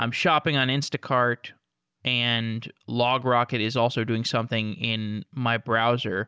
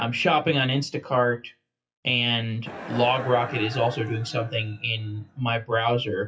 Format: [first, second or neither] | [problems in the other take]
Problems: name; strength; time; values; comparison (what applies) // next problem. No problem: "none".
first | noise reduction (classical method WPE with log-MMSE)